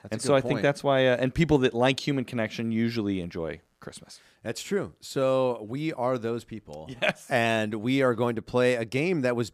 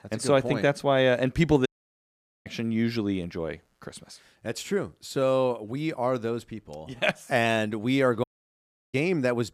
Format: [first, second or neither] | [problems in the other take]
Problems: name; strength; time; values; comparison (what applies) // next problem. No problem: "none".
first | audio cutting out; at 1.5 s for 1 s and at 8 s for 0.5 s